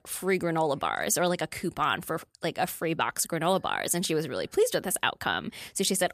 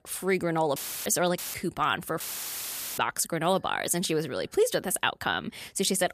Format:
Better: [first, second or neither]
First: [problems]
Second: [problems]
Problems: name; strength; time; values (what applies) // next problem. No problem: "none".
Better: first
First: none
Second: audio cutting out; filled with static; at 1 s, at 1.5 s and at 2 s for 1 s